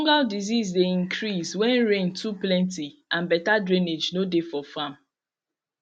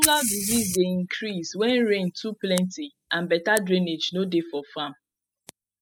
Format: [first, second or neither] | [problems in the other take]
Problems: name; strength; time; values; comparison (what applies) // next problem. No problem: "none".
first | noise reduction (classical method spectral subtraction)